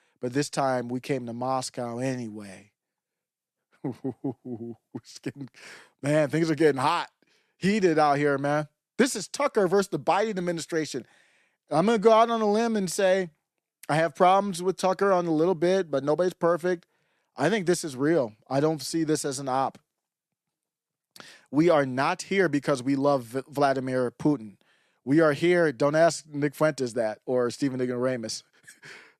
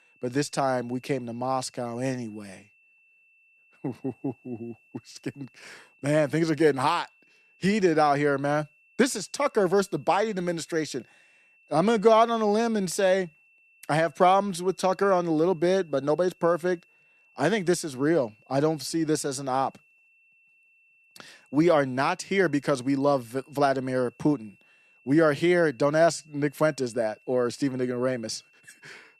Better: first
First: none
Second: high-pitched whine; faint; throughout; 2.5 kHz, 35 dB below the speech

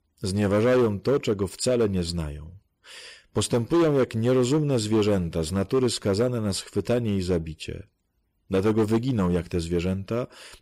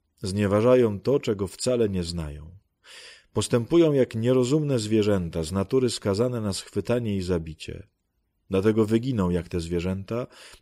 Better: second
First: distortion; slight; 7% of the sound clipped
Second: none

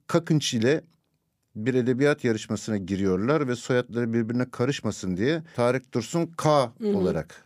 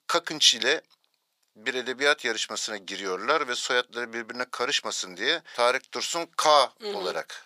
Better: first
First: none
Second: thin; very; fading below 850 Hz

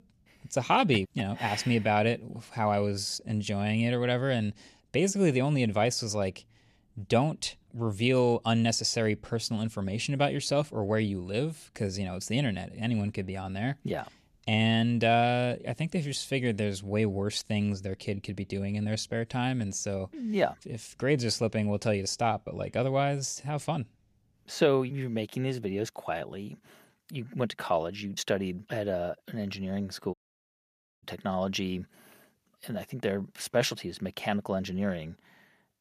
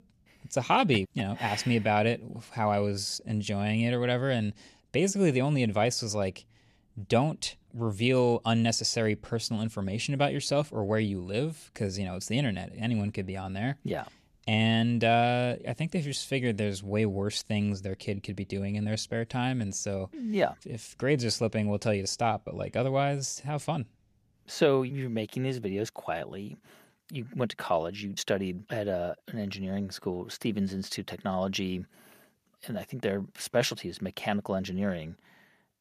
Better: second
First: audio cutting out; at 30 s for 1 s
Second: none

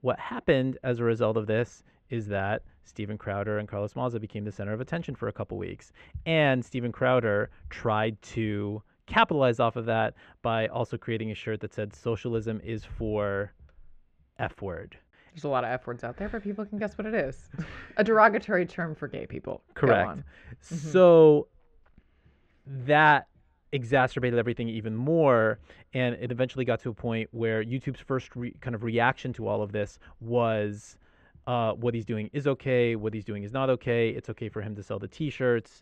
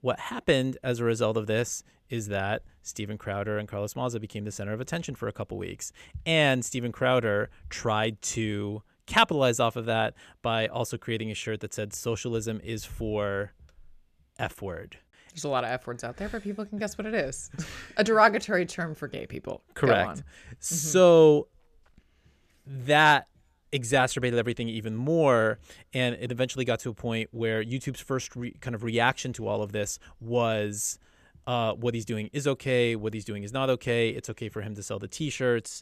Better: second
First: muffled; very; fading above 2.5 kHz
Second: none

